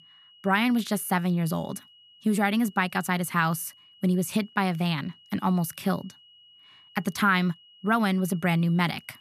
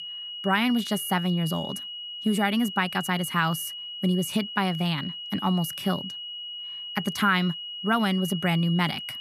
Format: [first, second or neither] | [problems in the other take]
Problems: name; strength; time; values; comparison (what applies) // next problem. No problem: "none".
first | high-pitched whine; loud; throughout; 3 kHz, 8 dB below the speech; faint in the first